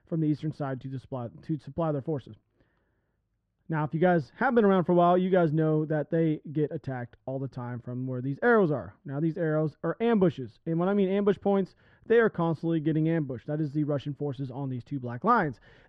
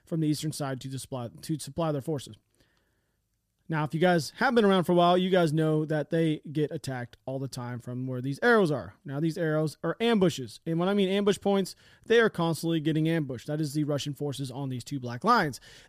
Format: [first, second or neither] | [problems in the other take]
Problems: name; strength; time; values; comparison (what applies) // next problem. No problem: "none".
second | muffled; very; fading above 1.5 kHz